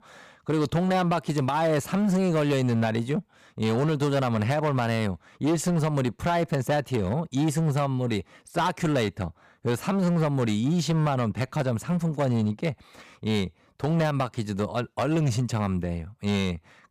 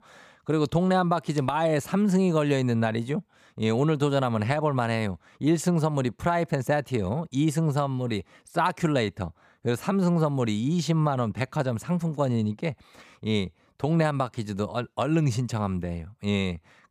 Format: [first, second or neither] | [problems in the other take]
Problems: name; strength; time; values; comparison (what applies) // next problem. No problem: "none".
second | distortion; slight; 13% of the sound clipped